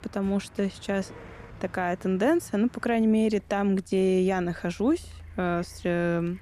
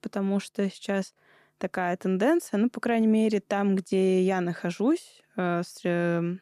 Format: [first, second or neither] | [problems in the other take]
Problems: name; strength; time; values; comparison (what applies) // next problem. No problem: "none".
second | traffic noise; faint; throughout; 20 dB below the speech